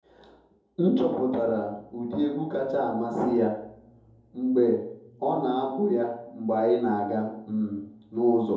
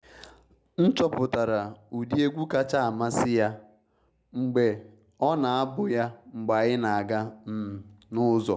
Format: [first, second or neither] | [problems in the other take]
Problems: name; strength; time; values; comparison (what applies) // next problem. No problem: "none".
second | room echo; dies away in 2.6 s